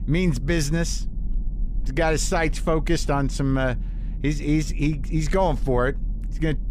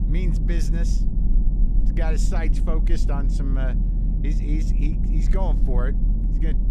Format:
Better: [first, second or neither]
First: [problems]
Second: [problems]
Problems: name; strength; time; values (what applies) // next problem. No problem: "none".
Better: first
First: low rumble; faint; throughout; 25 dB below the speech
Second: low rumble; loud; throughout; 4 dB below the speech